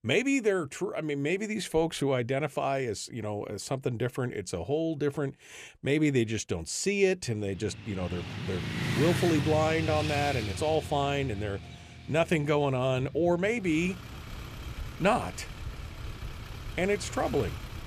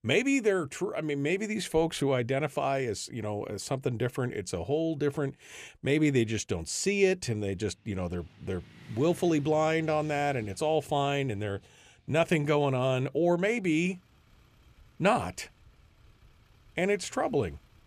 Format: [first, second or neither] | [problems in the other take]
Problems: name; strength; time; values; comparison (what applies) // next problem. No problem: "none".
second | traffic noise; loud; from 8 s on; 7 dB below the speech; faint in the second